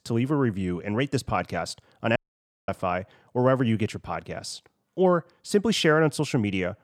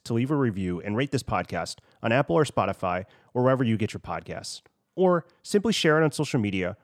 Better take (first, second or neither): second